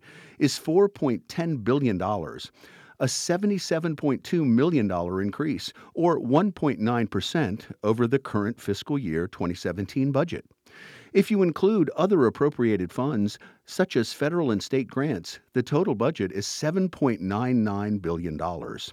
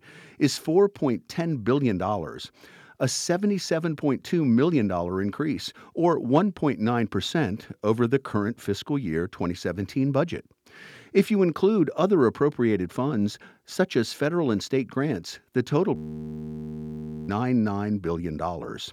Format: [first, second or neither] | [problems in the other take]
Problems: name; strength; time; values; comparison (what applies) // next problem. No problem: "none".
first | audio freezing; at 16 s for 1.5 s